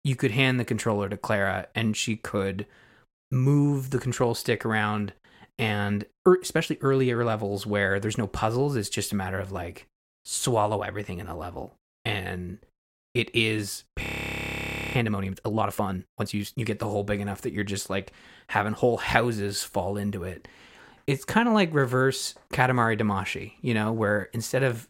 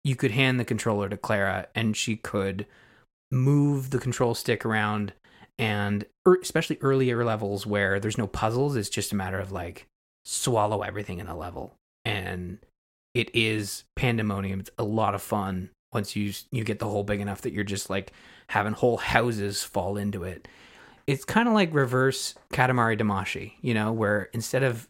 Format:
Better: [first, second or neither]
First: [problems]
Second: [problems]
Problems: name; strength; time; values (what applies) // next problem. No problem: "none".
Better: second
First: audio freezing; at 14 s for 1 s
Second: none